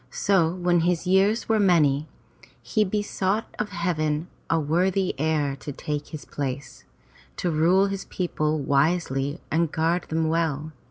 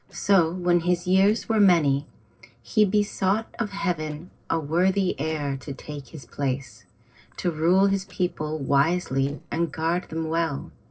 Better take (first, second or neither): first